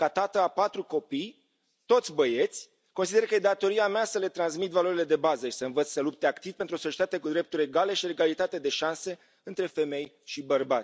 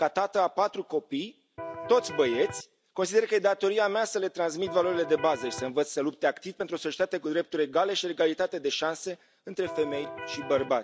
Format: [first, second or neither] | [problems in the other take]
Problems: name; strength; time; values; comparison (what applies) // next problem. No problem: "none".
first | background sound (Electric guitar); 10 dB below the speech